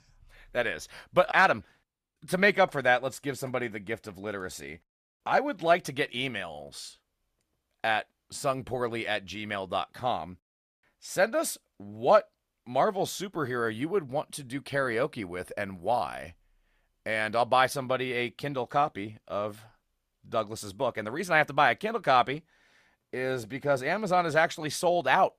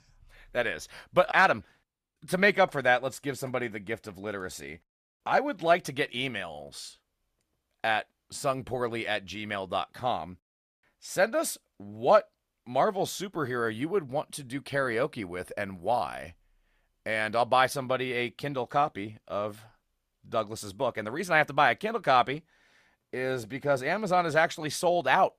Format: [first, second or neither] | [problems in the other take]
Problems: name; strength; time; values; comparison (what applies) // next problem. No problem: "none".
neither | none